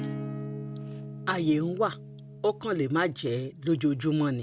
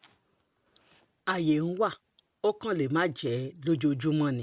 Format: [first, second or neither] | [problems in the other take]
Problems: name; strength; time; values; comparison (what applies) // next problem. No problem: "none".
second | background sound (Acoustic guitar / Strum); 11 dB below the speech